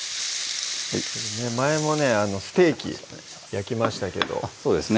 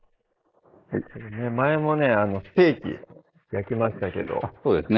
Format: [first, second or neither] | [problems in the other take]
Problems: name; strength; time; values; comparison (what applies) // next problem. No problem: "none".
first | noise reduction (neural mask model Resemble Enhance denoiser)